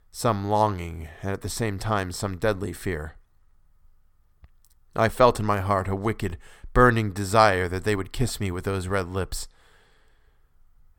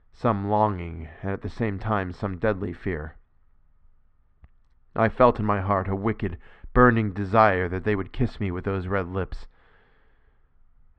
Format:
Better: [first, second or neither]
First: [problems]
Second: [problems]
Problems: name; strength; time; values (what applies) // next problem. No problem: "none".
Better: first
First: none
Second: muffled; very; fading above 2.5 kHz